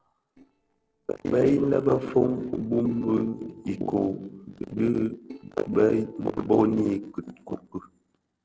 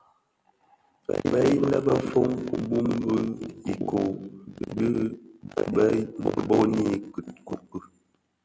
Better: second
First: noise reduction (neural separator model SepFormer DNS4)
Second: none

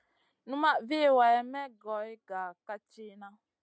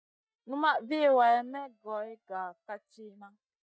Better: first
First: none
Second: noise reduction (neural mask model DeepFilterNet 3)

